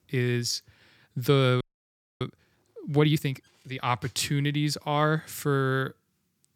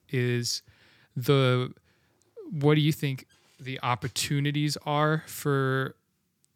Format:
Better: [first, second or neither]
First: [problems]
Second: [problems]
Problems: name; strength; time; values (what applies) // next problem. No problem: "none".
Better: second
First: audio freezing; at 1.5 s for 0.5 s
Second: none